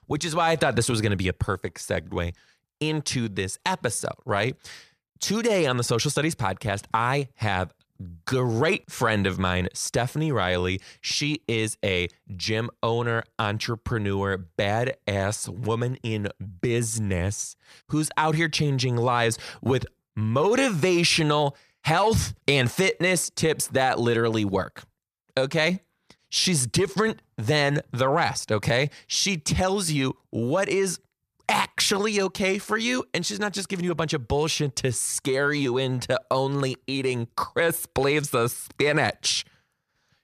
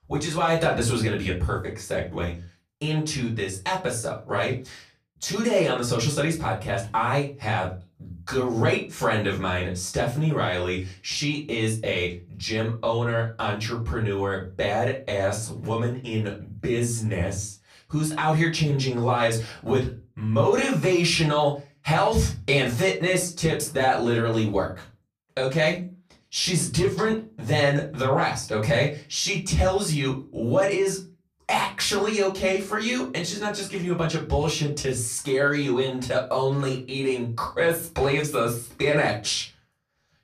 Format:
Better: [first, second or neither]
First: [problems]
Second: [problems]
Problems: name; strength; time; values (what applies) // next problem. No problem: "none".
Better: first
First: none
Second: off-mic speech; far // room echo; very slight; dies away in 0.3 s